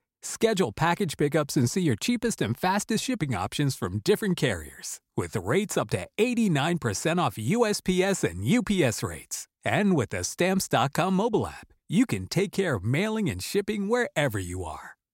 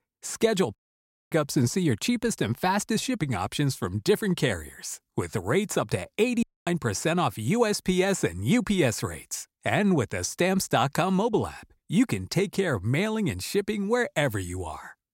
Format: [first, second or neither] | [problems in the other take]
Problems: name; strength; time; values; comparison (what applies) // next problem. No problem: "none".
first | audio cutting out; at 1 s for 0.5 s and at 6.5 s